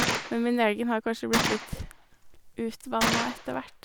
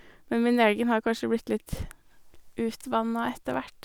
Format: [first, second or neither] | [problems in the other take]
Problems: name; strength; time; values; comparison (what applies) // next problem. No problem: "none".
second | background sound (Gunshot, gunfire); 2 dB below the speech